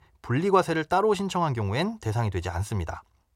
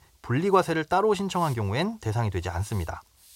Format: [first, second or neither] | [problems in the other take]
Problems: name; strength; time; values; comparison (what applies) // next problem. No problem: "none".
first | hiss; faint; throughout; 25 dB below the speech